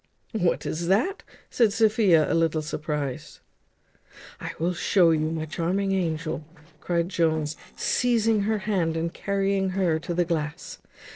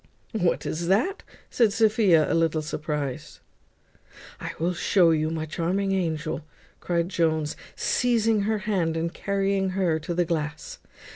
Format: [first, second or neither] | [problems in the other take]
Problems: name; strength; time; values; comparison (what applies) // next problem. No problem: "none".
second | noise reduction (neural separator model SepFormer DNS4)